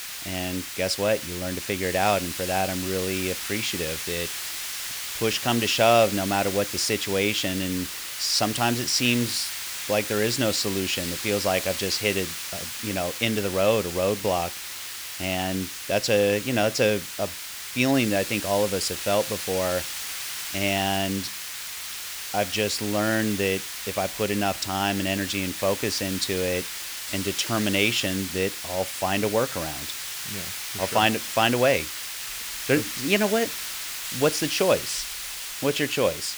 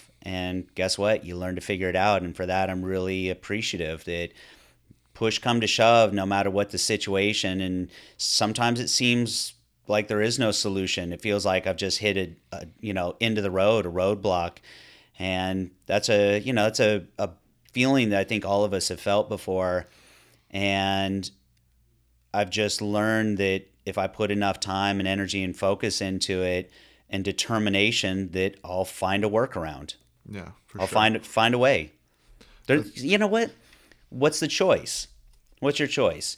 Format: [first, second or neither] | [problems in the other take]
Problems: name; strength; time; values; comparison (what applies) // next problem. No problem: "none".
second | hiss; loud; throughout; 6 dB below the speech